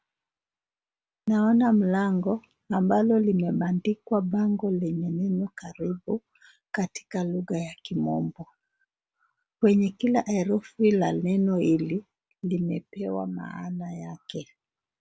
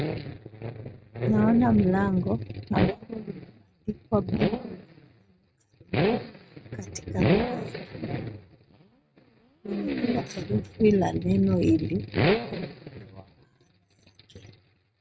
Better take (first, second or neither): first